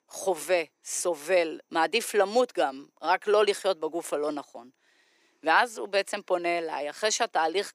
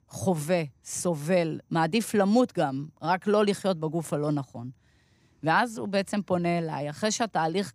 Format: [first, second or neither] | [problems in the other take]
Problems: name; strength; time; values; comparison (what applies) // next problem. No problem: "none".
second | thin; very; fading below 400 Hz